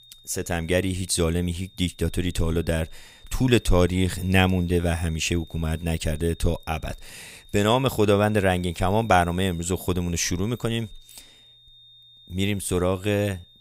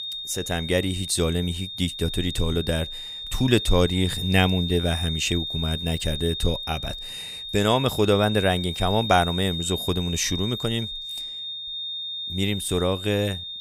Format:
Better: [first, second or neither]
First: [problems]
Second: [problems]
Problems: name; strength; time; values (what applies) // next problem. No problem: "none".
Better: first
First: high-pitched whine; faint; throughout; 3.5 kHz, 25 dB below the speech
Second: high-pitched whine; loud; throughout; 3.5 kHz, 6 dB below the speech